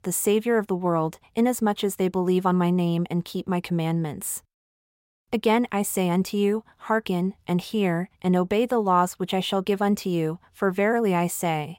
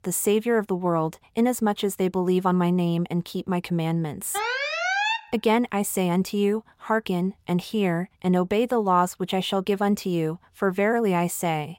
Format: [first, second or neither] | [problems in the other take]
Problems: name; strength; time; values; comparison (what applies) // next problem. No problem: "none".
first | alarm; loud; at 4.5 s; peak 1 dB above the speech